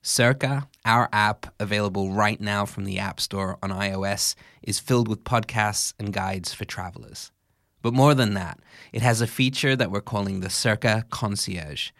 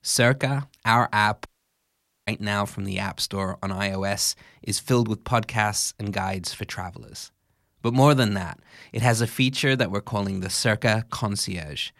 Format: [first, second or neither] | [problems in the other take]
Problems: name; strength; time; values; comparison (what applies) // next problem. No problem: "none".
first | audio cutting out; at 1.5 s for 1 s